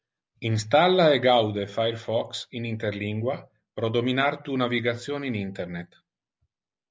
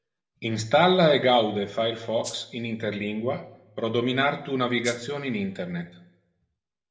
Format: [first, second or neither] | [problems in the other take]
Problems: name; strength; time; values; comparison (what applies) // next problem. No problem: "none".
first | background sound (Rattle (instrument)); 14 dB below the speech // room echo; dies away in 0.6 s